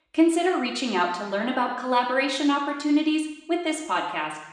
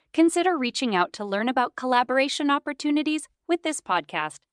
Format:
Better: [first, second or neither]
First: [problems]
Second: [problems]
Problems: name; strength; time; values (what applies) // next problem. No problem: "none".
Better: second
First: room echo; noticeable; dies away in 0.9 s // off-mic speech; somewhat distant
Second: none